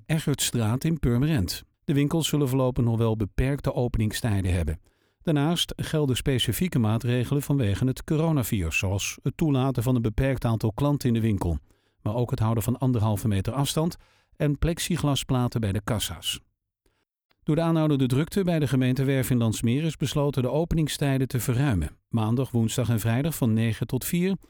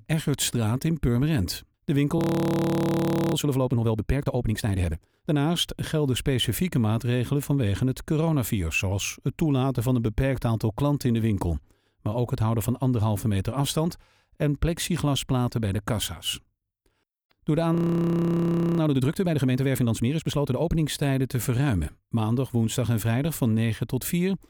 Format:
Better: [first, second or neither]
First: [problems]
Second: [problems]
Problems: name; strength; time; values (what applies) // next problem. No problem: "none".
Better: first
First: none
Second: audio freezing; at 2 s for 1 s and at 18 s for 1 s